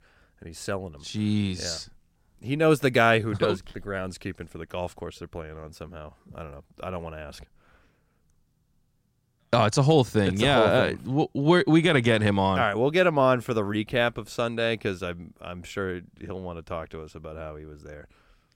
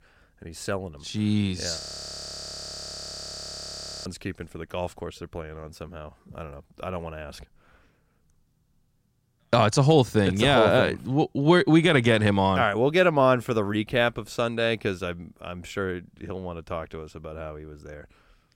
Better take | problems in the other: first | audio freezing; at 2 s for 2.5 s

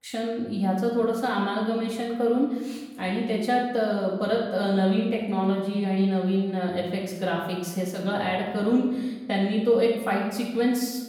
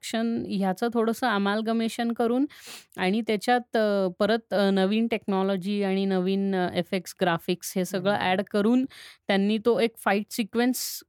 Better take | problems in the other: second | off-mic speech; far // room echo; noticeable; dies away in 1.1 s

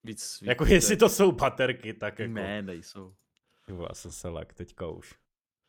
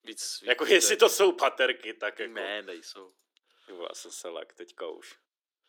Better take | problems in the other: first | thin; very; fading below 300 Hz

